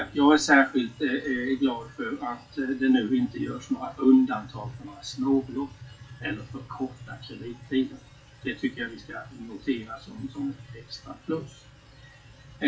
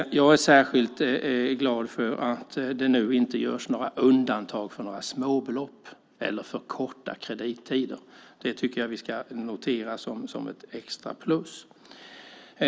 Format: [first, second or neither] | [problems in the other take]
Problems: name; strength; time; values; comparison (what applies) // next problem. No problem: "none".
second | noise reduction (classical method WPE with log-MMSE)